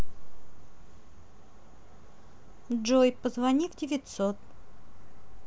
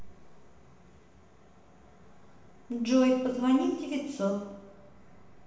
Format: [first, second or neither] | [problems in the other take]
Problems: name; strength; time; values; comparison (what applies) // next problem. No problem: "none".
first | room echo; dies away in 0.9 s